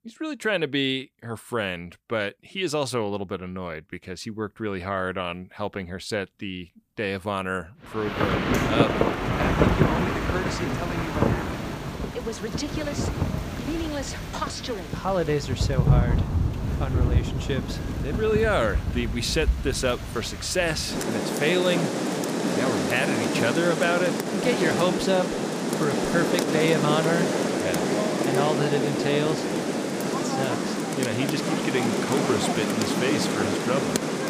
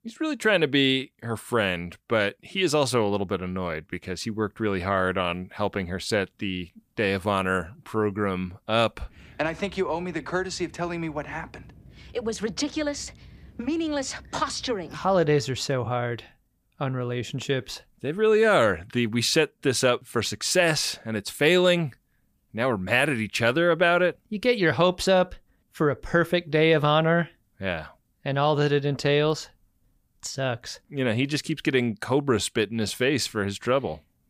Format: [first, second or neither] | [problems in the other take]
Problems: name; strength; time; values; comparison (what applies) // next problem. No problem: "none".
second | rain or running water; very loud; from 8 s on; 2 dB above the speech